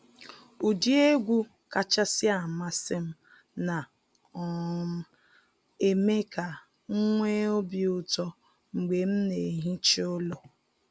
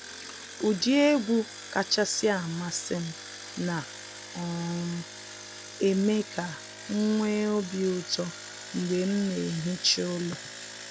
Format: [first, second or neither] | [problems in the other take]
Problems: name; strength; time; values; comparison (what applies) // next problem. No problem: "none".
first | background sound (Engine); 13 dB below the speech